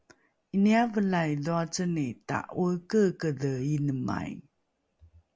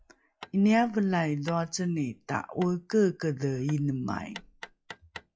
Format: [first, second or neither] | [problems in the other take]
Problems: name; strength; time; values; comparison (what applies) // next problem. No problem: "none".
first | noise reduction (classical method log-MMSE)